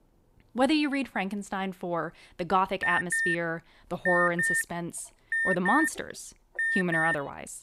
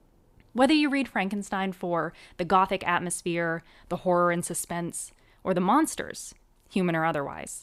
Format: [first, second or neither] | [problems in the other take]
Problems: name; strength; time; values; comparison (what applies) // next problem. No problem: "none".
second | alarm; loud; from 3 s on; peak 4 dB above the speech